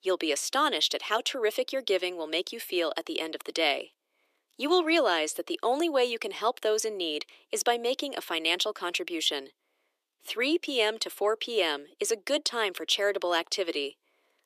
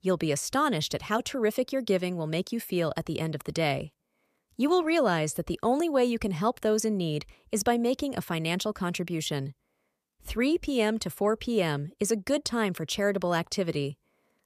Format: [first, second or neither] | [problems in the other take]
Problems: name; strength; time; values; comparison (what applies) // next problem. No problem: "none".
second | thin; somewhat; fading below 300 Hz